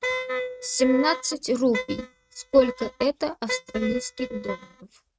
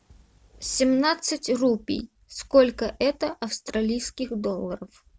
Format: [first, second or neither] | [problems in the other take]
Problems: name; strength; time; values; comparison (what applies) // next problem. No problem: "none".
second | noise reduction (neural mask model RNNoise)